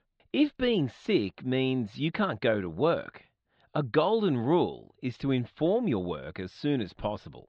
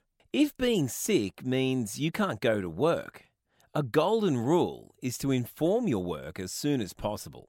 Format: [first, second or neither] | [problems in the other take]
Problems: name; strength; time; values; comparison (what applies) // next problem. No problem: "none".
second | muffled; slightly; fading above 4 kHz